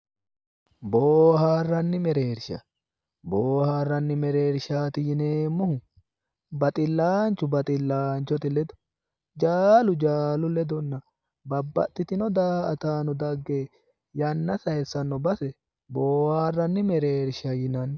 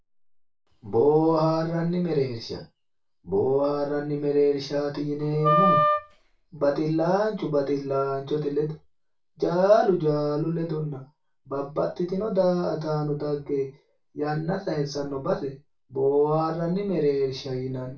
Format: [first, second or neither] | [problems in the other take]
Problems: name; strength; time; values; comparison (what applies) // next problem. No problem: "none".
first | background sound (Wind instrument, woodwind instrument); 1 dB above the speech // room echo; dies away in 0.2 s